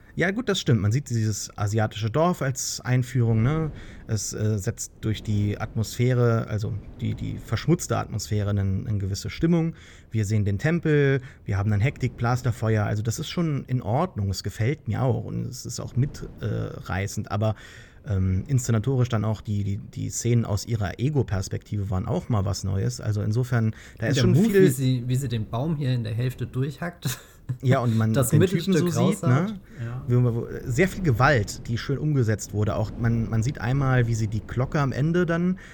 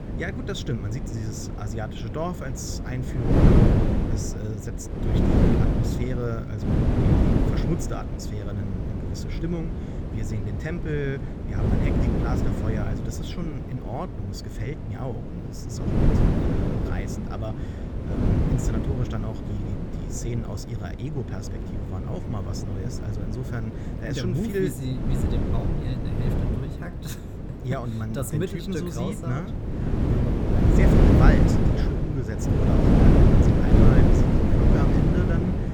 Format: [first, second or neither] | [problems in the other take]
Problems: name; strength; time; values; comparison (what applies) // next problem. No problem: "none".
first | wind noise on the microphone; heavy; 5 dB above the speech; occasional gusts in the first